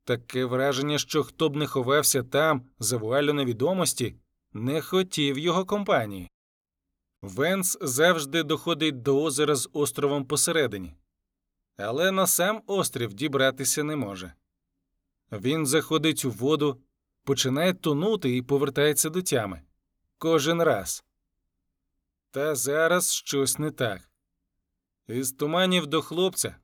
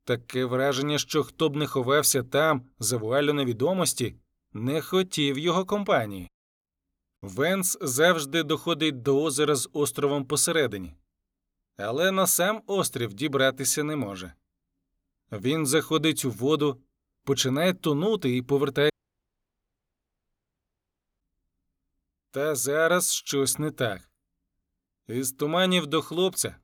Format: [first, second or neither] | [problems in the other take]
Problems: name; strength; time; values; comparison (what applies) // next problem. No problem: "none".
first | audio cutting out; at 19 s for 2.5 s